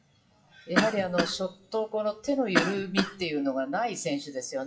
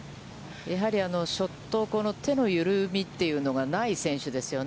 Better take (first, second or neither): second